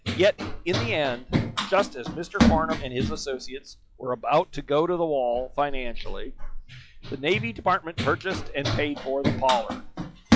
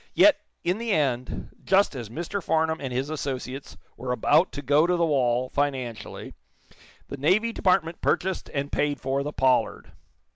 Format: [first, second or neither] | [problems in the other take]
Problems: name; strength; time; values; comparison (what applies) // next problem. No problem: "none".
second | noise reduction (classical method log-MMSE)